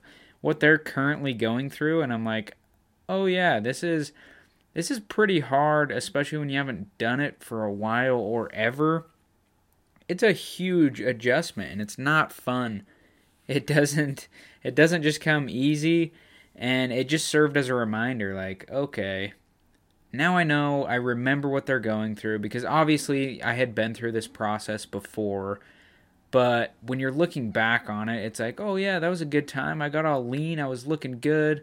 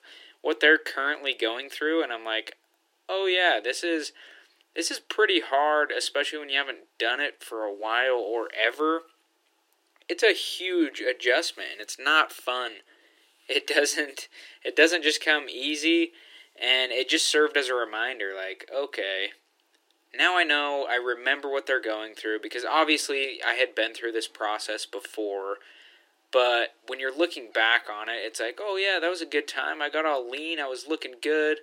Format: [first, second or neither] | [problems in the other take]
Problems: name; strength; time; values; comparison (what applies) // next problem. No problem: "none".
first | thin; very; fading below 300 Hz